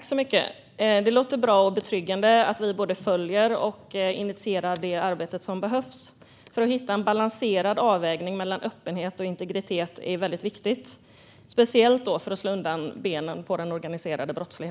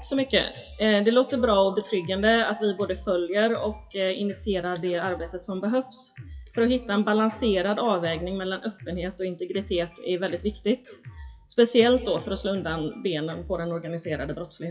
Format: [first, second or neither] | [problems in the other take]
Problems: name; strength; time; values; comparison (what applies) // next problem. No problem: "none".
first | noise reduction (classical method WPE with log-MMSE)